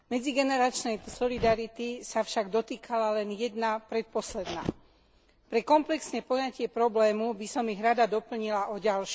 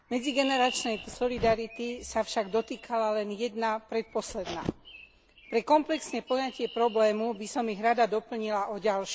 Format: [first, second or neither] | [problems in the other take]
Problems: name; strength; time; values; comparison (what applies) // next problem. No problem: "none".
first | background sound (Chirp, tweet); 18 dB below the speech